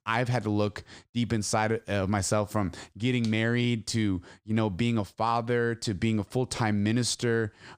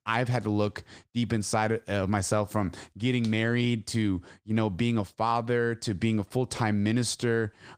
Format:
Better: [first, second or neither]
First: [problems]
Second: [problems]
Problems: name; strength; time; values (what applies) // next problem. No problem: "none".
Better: first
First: none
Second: garbled, watery; slightly; nothing above 15.5 kHz